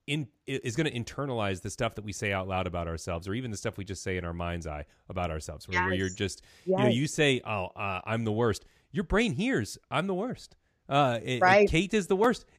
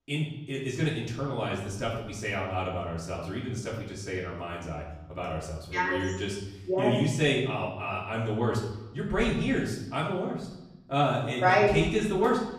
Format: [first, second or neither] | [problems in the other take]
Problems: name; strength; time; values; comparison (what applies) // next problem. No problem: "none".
first | off-mic speech; far // room echo; noticeable; dies away in 0.9 s